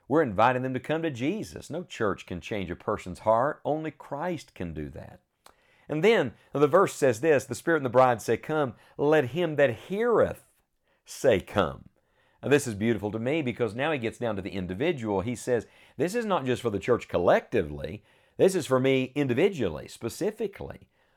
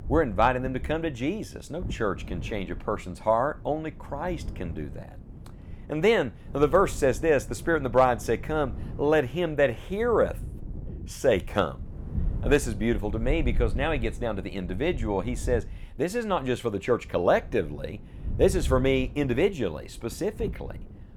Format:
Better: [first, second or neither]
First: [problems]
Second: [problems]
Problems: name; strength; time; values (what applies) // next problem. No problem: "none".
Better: first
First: none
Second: wind noise on the microphone; occasional gusts; 25 dB below the speech